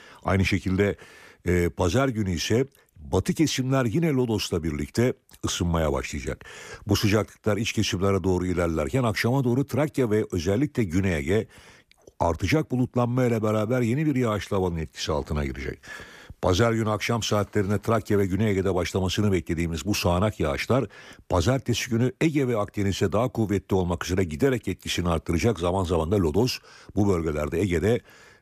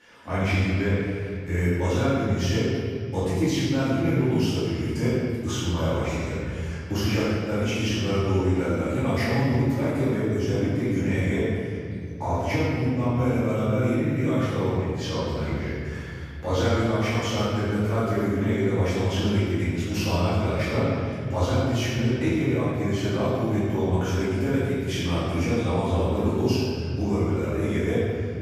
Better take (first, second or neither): first